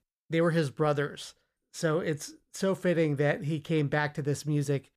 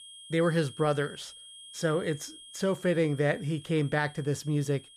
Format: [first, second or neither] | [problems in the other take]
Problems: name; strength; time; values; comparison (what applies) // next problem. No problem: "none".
first | high-pitched whine; noticeable; throughout; 3 kHz, 20 dB below the speech